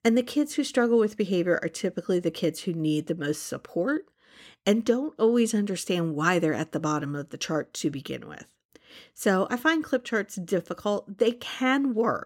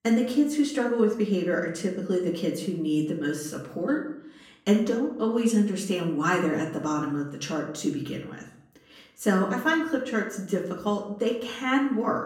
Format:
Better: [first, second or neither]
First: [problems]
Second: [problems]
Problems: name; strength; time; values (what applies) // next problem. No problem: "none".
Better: first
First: none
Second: off-mic speech; far // room echo; slight; dies away in 0.6 s